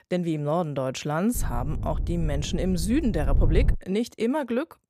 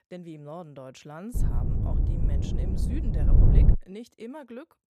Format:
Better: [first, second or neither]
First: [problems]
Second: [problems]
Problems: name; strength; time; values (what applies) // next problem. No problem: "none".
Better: first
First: wind noise on the microphone; occasional gusts; from 1.5 to 3.5 s; 15 dB below the speech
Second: wind noise on the microphone; heavy; from 1.5 to 3.5 s; 3 dB above the speech